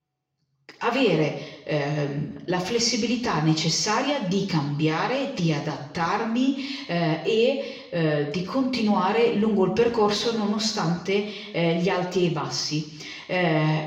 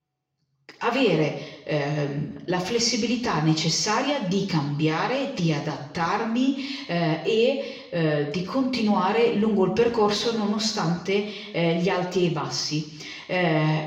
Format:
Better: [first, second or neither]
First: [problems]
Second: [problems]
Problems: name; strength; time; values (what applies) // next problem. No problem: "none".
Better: neither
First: room echo; noticeable; dies away in 0.8 s // off-mic speech; far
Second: room echo; noticeable; dies away in 0.8 s // off-mic speech; far